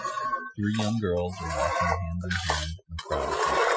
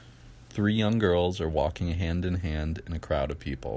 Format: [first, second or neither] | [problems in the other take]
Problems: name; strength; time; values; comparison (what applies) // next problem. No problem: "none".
second | noise reduction (classical method Wiener filter)